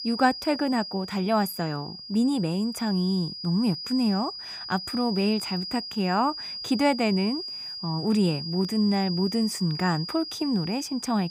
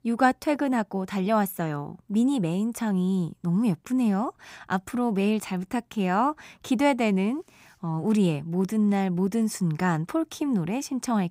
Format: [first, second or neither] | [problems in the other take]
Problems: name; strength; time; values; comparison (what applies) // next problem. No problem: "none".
second | high-pitched whine; loud; throughout; 5 kHz, 7 dB below the speech